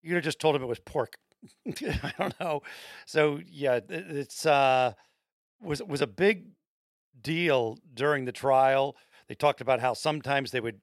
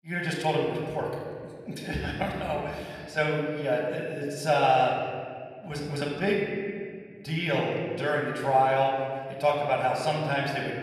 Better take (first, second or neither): first